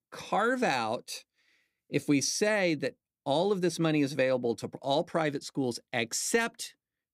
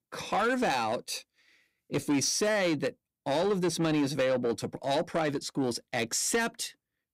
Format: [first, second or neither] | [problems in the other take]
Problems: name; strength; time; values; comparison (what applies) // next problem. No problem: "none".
first | distortion; slight; 10 dB below the speech